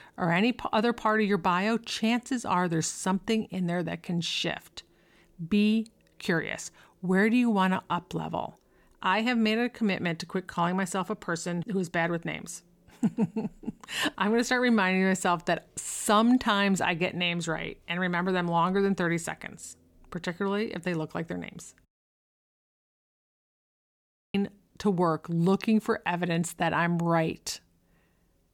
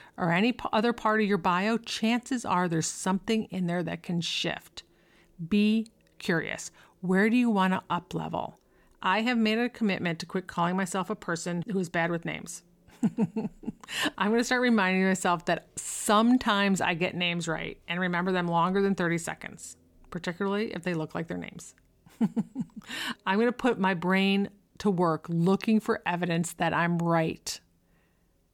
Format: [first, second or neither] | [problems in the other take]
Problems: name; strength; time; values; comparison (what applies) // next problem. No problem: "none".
second | audio cutting out; at 22 s for 2.5 s